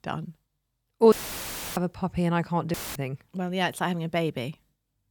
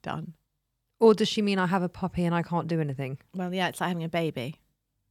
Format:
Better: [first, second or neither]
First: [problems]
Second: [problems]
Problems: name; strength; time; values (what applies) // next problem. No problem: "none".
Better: second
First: audio cutting out; filled with static; at 1 s for 0.5 s and at 2.5 s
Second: none